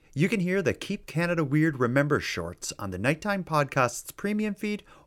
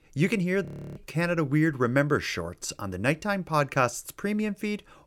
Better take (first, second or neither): first